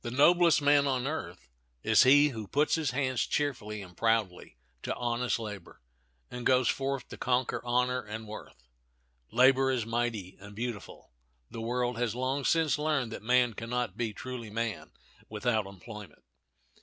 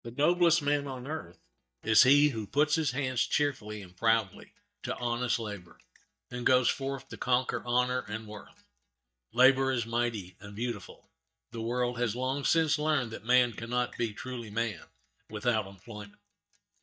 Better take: first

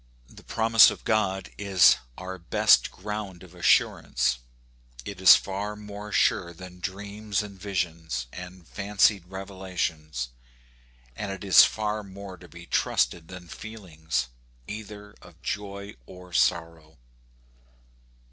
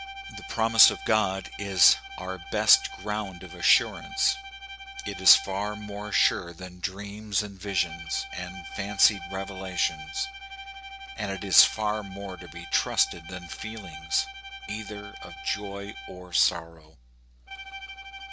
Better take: first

